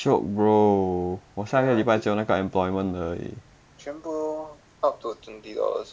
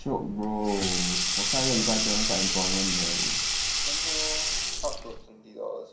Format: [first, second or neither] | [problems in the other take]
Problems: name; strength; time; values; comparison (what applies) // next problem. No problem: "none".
first | background sound (Sink (filling or washing)); 4 dB above the speech // room echo; dies away in 0.6 s